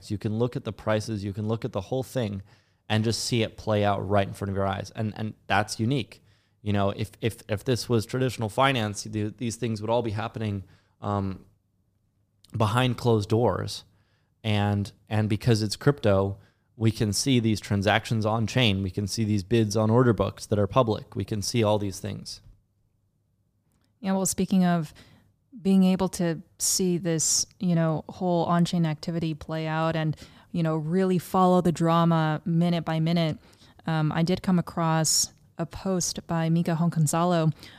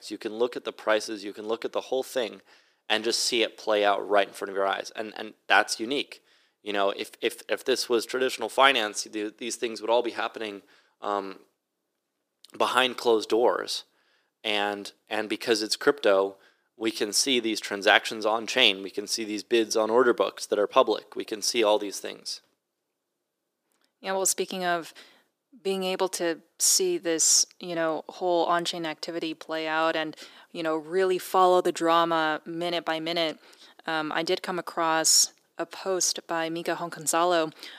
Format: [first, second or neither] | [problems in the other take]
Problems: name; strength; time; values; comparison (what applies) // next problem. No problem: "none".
first | thin; very; fading below 350 Hz